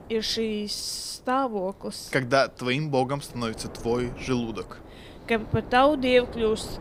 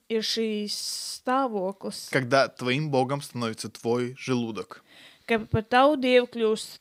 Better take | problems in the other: second | wind noise on the microphone; occasional gusts; 20 dB below the speech

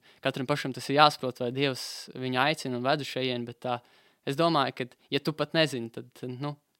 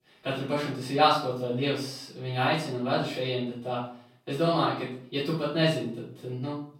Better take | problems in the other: first | off-mic speech; far // room echo; noticeable; dies away in 0.5 s

